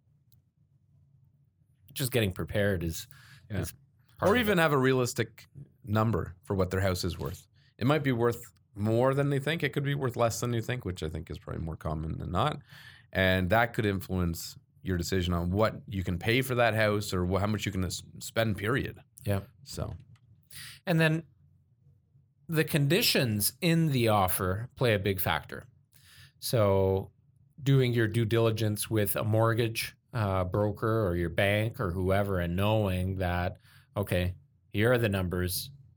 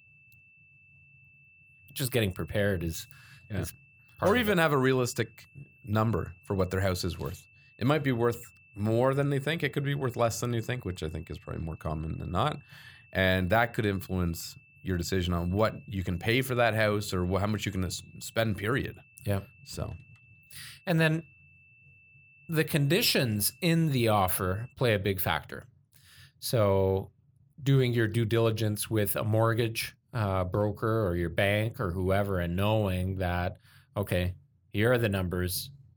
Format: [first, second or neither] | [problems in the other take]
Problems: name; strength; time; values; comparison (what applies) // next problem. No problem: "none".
first | high-pitched whine; faint; until 25 s; 2.5 kHz, 30 dB below the speech